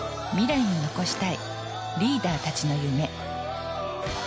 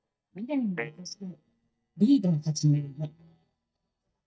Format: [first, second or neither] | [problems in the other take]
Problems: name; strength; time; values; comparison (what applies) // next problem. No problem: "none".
first | noise reduction (neural mask model DeepFilterNet 3)